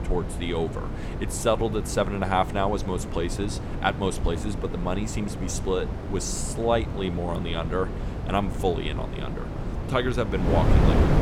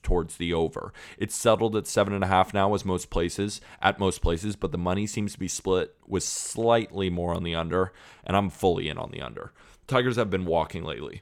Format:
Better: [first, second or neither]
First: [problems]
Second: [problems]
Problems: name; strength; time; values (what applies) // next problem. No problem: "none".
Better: second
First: wind noise on the microphone; heavy; 8 dB below the speech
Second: none